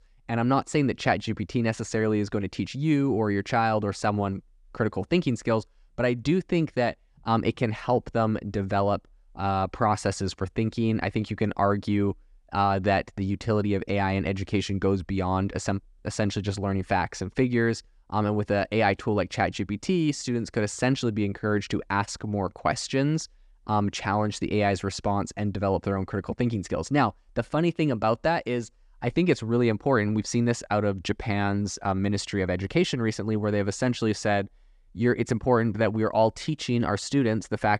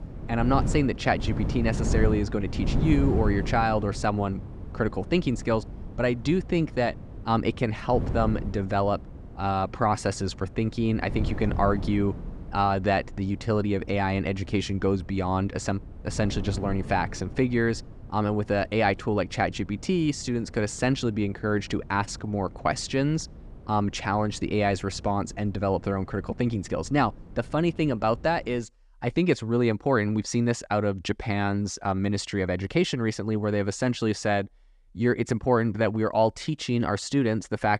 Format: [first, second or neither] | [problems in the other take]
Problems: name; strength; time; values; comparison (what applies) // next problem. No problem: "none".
first | wind noise on the microphone; occasional gusts; until 29 s; 15 dB below the speech